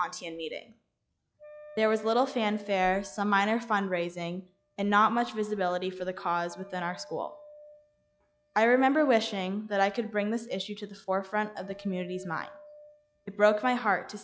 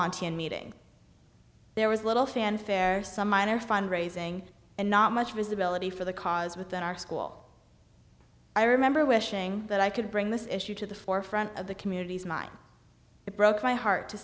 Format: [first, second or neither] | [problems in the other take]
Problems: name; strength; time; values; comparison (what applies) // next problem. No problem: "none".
second | noise reduction (classical method log-MMSE)